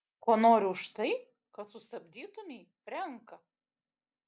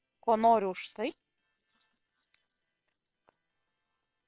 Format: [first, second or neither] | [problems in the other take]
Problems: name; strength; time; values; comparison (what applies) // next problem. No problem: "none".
first | noise reduction (neural separator model SepFormer WHAM!)